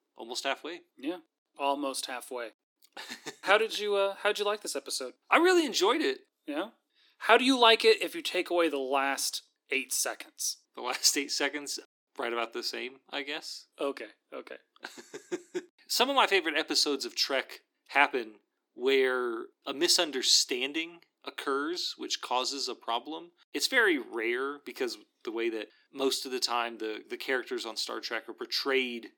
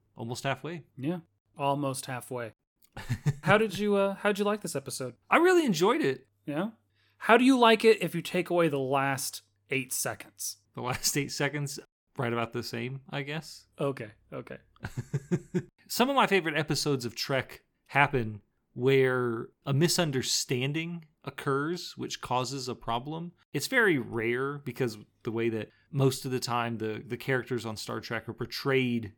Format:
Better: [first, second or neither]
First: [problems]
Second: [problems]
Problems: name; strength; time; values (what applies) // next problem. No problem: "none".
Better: second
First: thin; somewhat; fading below 300 Hz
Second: none